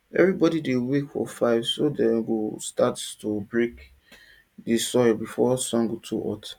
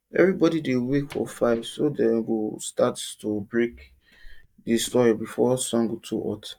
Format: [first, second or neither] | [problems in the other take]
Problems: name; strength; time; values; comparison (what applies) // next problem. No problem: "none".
first | noise reduction (neural mask model DeepFilterNet 3)